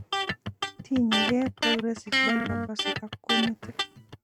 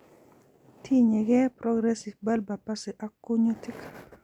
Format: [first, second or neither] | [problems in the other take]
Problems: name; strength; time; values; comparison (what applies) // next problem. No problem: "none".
second | noise reduction (neural mask model RNNoise)